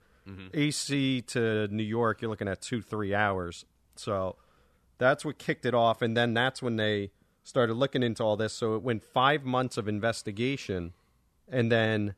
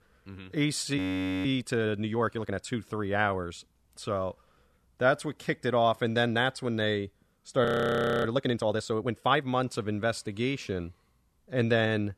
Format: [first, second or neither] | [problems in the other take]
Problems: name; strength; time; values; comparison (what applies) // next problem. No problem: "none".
first | audio freezing; at 1 s and at 7.5 s for 0.5 s